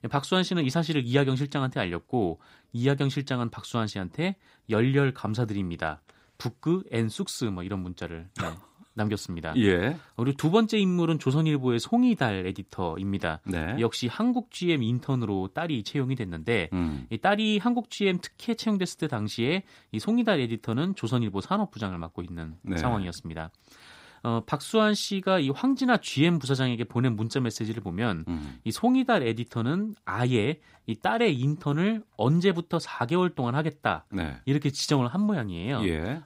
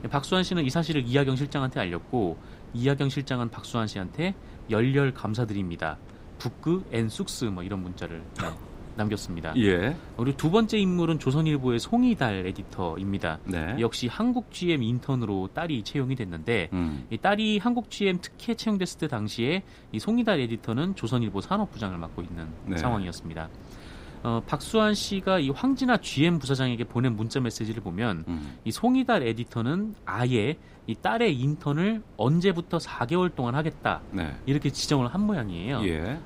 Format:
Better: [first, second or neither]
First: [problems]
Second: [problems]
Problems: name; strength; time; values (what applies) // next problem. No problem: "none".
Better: first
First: none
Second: wind noise on the microphone; occasional gusts; 20 dB below the speech